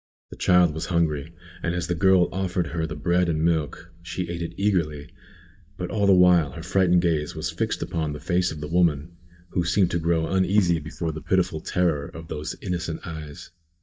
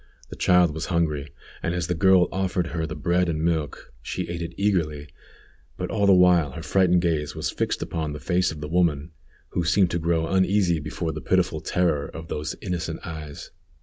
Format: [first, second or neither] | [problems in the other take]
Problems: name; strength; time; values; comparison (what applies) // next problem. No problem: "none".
second | noise reduction (neural mask model DeepFilterNet 3)